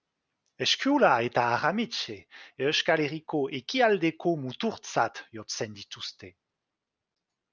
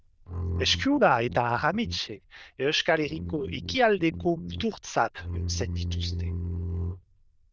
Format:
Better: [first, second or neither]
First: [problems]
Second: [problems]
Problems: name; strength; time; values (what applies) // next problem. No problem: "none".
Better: first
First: none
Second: noise reduction (neural diffusion model UNIVERSE++)